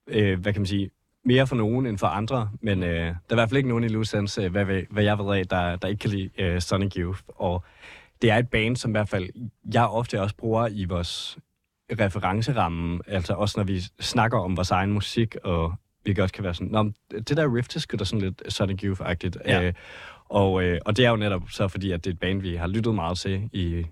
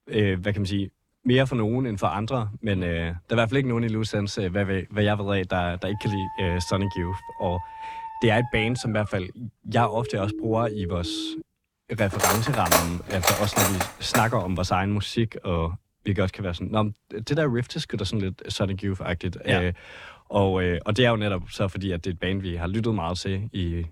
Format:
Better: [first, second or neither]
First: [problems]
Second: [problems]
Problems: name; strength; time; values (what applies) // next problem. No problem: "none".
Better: first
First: none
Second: dog barking; noticeable; from 6 to 9 s; peak 9 dB below the speech // siren; noticeable; from 10 to 11 s; peak 8 dB below the speech // clattering dishes; loud; from 12 to 14 s; peak 4 dB above the speech